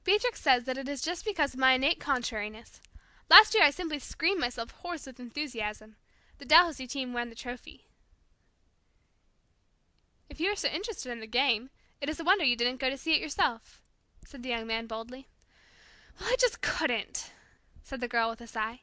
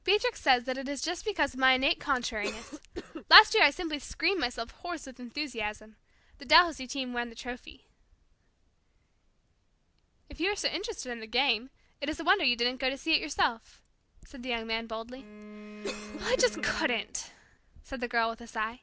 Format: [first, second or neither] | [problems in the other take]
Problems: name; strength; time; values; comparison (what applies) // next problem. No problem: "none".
first | background sound (Bowed string instrument + Cough); 13 dB below the speech